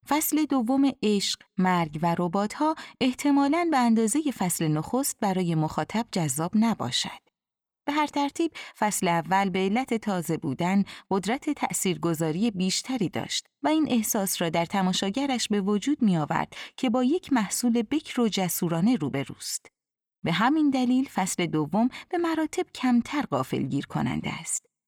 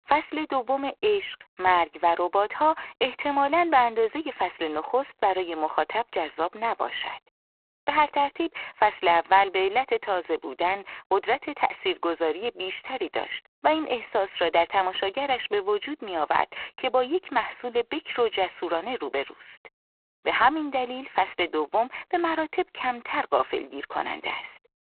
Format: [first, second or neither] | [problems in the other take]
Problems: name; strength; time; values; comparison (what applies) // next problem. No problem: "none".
first | phone-call audio; poor line; nothing above 4 kHz